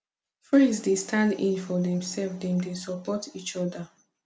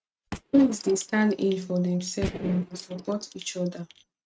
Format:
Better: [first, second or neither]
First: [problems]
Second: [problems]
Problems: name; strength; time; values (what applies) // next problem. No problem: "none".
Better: first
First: none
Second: noise reduction (neural mask model RNNoise)